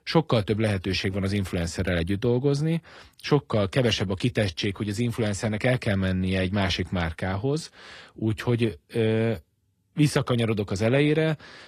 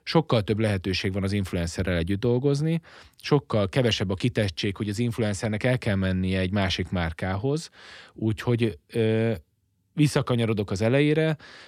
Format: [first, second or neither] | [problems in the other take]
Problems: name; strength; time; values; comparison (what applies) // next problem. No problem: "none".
second | garbled, watery; slightly; nothing above 17 kHz